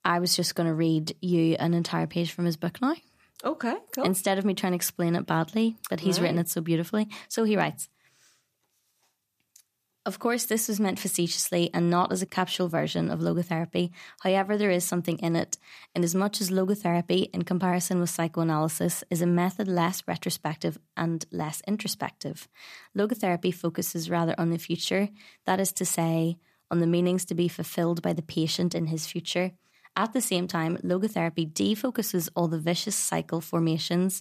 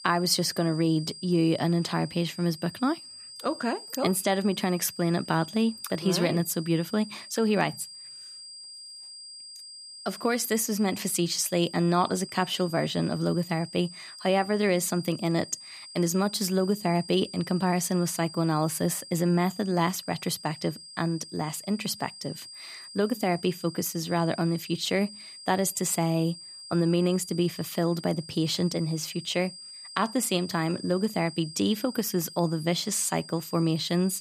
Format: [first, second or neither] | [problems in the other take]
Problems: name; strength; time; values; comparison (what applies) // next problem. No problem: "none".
first | high-pitched whine; noticeable; throughout; 5 kHz, 15 dB below the speech